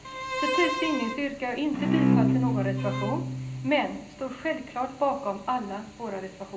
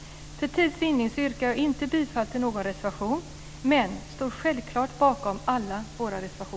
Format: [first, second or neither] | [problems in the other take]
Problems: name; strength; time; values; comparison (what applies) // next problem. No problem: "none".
second | background sound (Bowed string instrument); 3 dB above the speech // room echo; dies away in 0.5 s